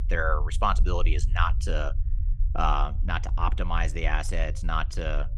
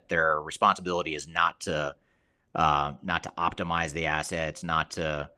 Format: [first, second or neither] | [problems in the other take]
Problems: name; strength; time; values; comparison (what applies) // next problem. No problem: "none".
second | low rumble; faint; throughout; 20 dB below the speech